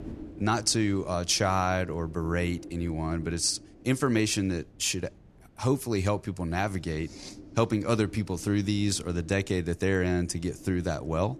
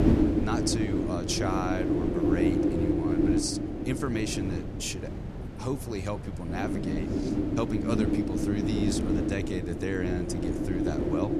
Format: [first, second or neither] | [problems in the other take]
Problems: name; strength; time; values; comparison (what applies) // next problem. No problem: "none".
first | wind noise on the microphone; heavy; 3 dB above the speech; occasional gusts in the first